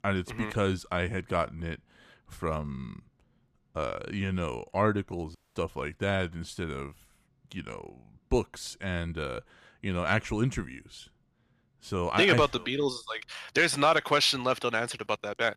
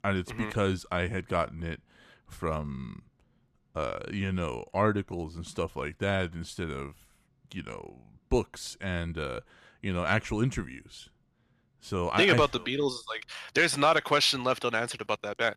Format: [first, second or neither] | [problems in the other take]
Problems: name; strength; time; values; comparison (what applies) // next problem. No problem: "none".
second | audio cutting out; at 5.5 s